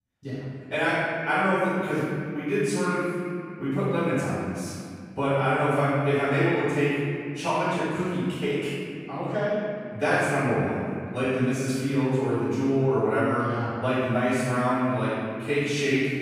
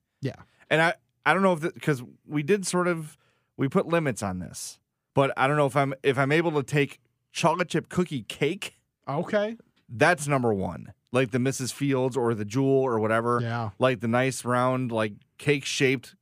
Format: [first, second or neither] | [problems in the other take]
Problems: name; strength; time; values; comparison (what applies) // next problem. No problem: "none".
second | off-mic speech; far // room echo; strong; dies away in 2.3 s